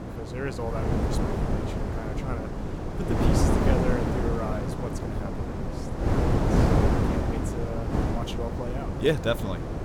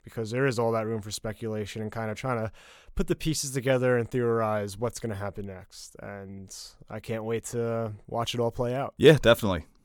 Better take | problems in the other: second | wind noise on the microphone; heavy; 2 dB above the speech

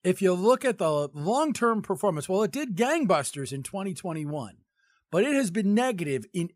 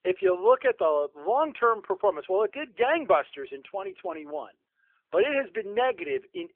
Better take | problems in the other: first | phone-call audio; nothing above 3 kHz

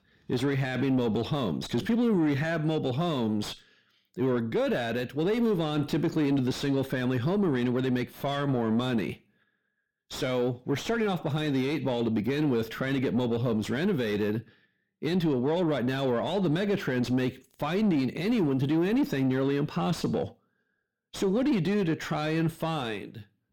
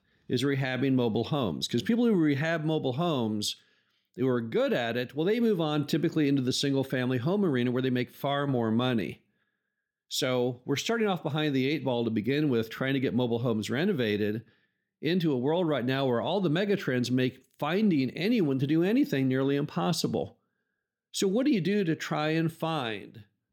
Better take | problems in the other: second | distortion; slight; 10 dB below the speech

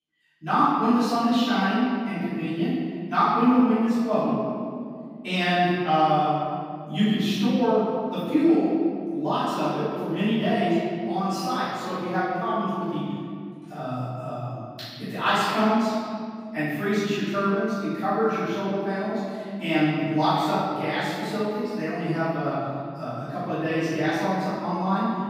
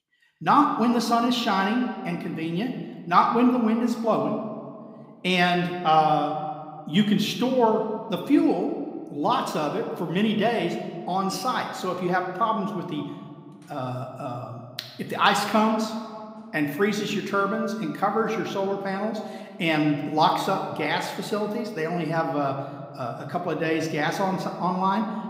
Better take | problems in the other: second | room echo; strong; dies away in 2.2 s; slight in the second // off-mic speech; far

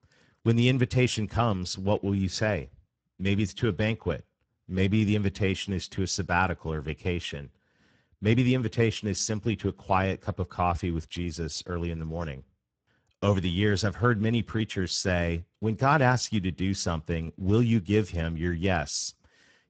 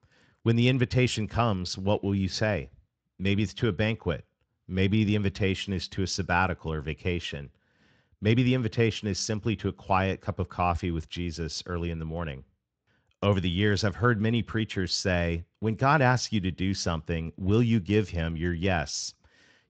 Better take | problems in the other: second | garbled, watery; badly; nothing above 7.5 kHz; slightly in the second

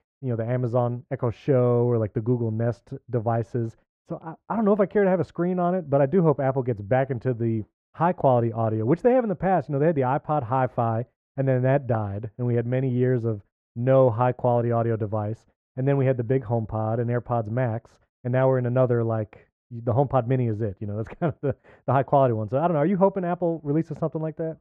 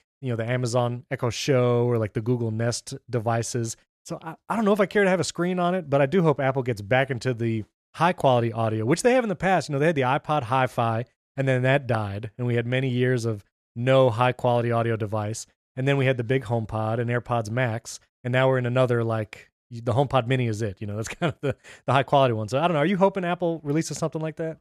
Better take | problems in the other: second | muffled; very; fading above 2.5 kHz

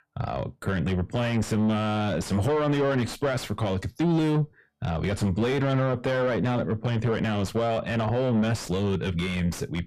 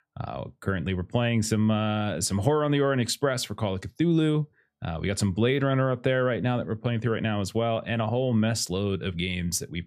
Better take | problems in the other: second | distortion; heavy; 6 dB below the speech

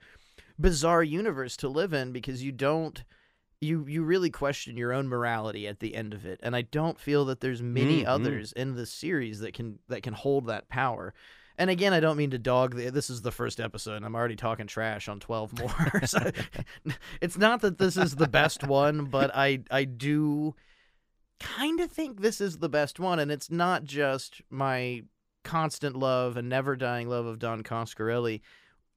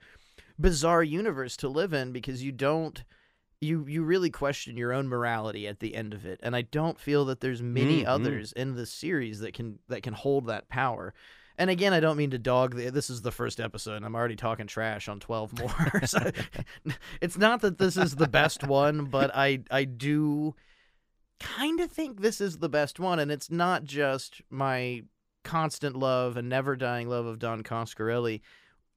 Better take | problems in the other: neither | none

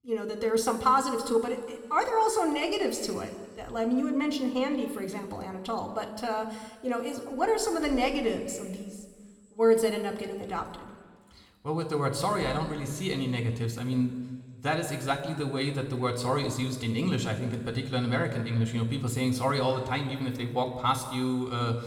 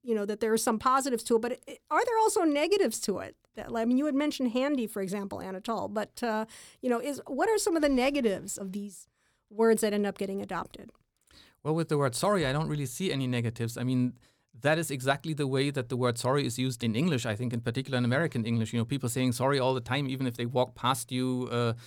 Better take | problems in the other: second | room echo; slight; dies away in 1.5 s

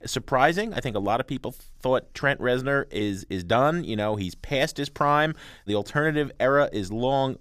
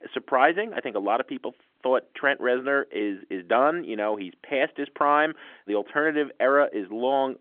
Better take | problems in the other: first | phone-call audio; nothing above 3.5 kHz

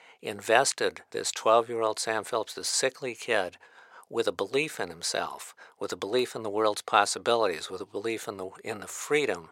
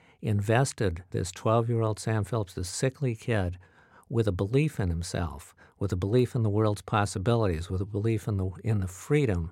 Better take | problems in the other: second | thin; very; fading below 600 Hz

